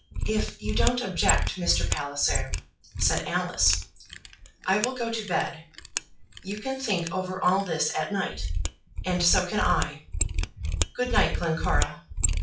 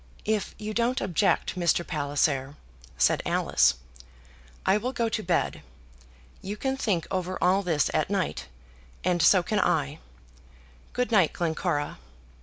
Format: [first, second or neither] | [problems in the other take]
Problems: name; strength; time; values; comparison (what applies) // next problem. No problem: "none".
second | noise reduction (classical method WPE with log-MMSE)